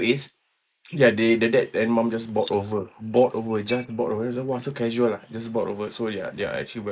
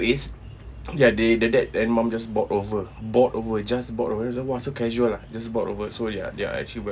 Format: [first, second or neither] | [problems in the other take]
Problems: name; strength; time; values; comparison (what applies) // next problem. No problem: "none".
second | noise reduction (neural mask model Resemble Enhance denoiser)